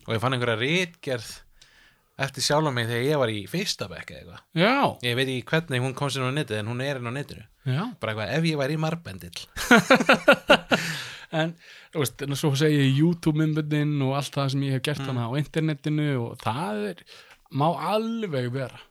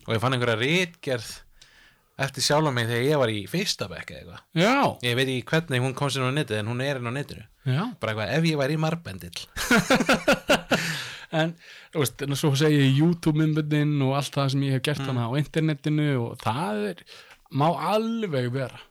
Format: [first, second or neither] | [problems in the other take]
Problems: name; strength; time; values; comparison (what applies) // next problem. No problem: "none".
first | distortion; slight; 2% of the sound clipped